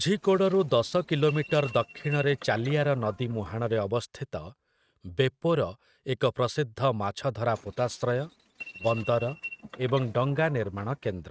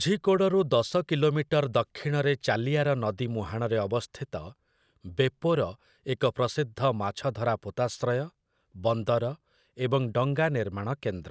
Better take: second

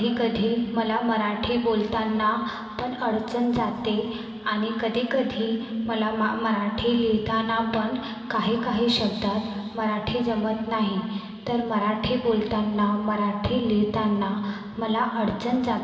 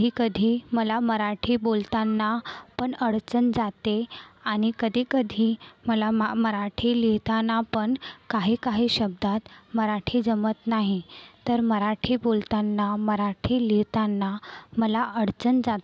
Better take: second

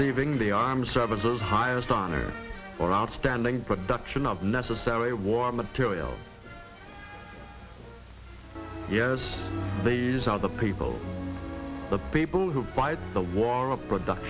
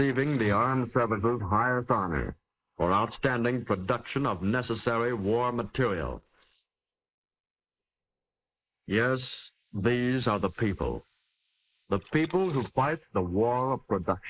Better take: first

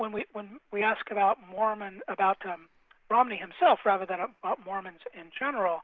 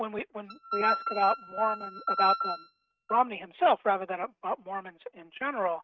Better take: first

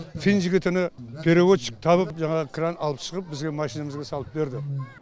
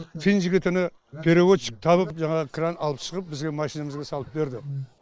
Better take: first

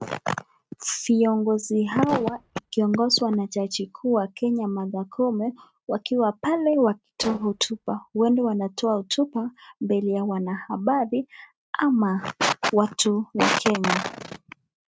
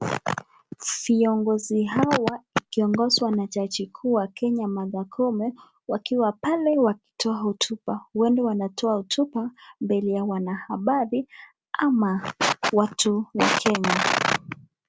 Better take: second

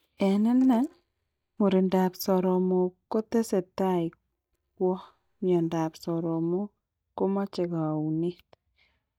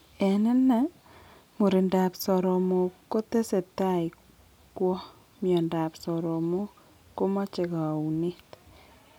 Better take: second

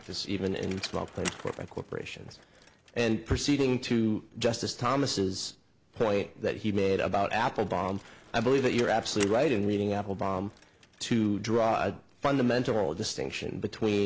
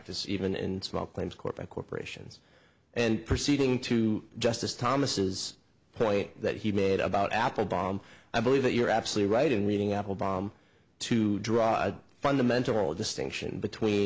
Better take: second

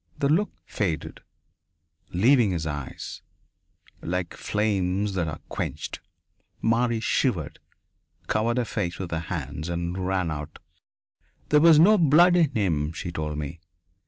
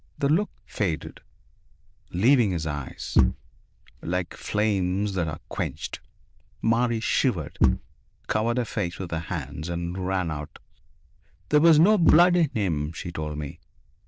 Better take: first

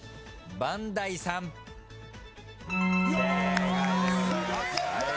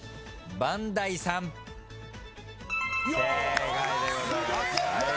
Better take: second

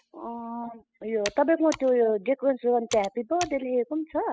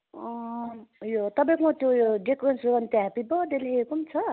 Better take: second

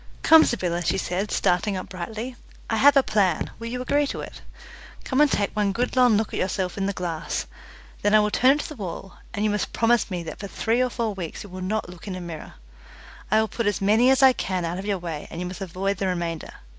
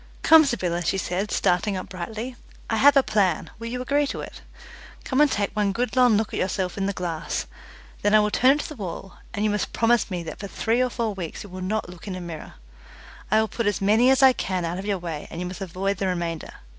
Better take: second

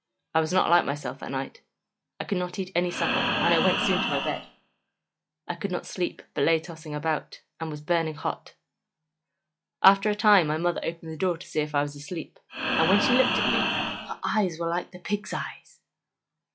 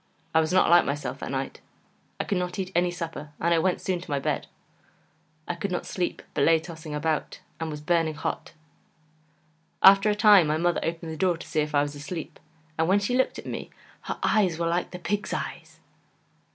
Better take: second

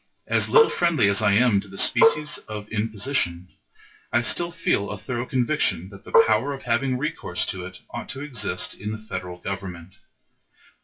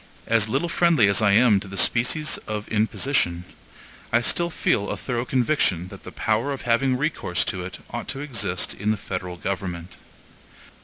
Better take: second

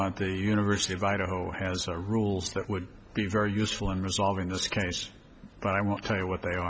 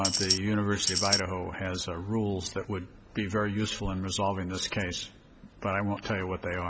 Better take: first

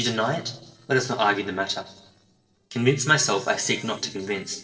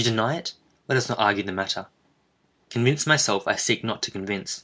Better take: second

